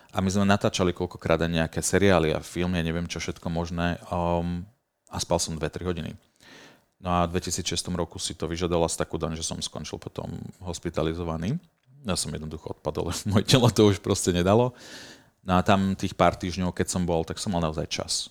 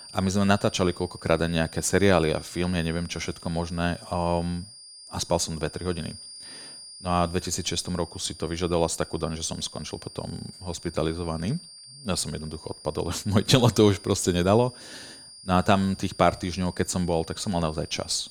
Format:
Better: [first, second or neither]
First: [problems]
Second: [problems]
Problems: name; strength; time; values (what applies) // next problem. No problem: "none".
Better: first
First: none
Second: high-pitched whine; noticeable; throughout; 5 kHz, 15 dB below the speech